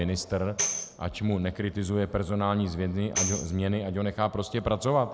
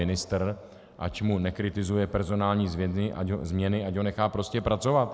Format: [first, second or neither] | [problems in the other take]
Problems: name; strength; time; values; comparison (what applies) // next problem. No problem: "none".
second | background sound (Tambourine); 7 dB below the speech